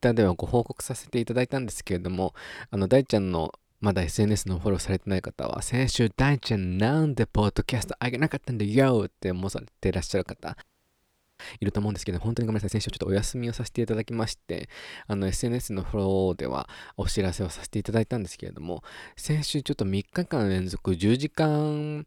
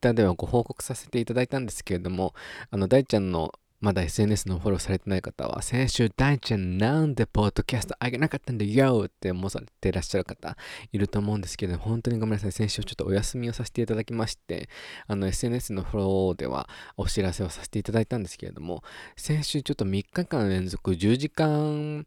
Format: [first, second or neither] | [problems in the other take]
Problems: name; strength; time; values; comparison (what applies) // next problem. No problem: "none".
second | audio freezing; at 11 s for 1 s